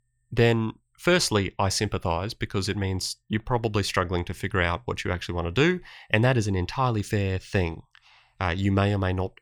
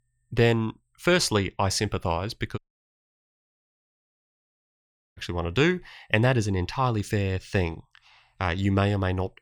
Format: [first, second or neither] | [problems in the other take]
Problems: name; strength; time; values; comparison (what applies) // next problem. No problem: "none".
first | audio cutting out; at 2.5 s for 2.5 s